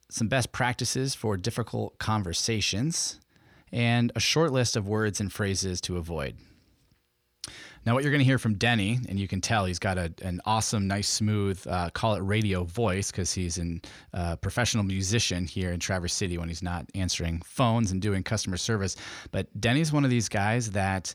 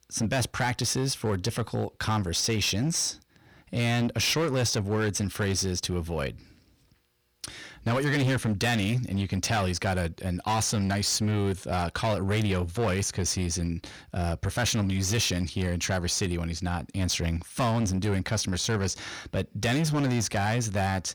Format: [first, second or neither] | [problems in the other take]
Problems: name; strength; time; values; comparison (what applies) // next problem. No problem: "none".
first | distortion; slight; 13% of the sound clipped